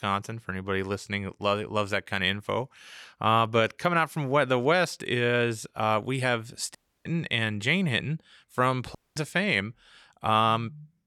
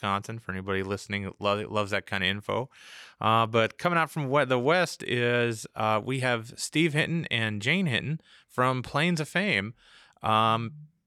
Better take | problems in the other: second | audio cutting out; at 7 s and at 9 s

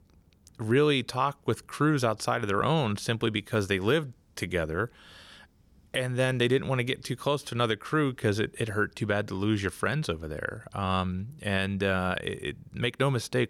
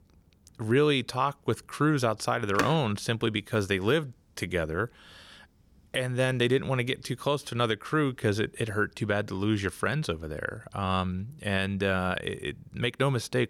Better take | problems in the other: first | phone ringing; noticeable; at 2.5 s; peak 4 dB below the speech

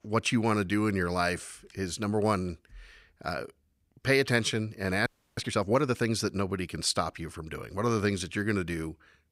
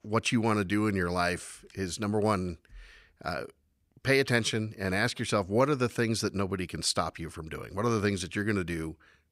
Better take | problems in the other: second | audio freezing; at 5 s

